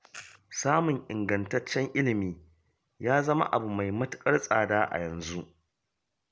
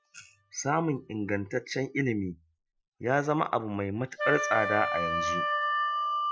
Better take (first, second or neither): first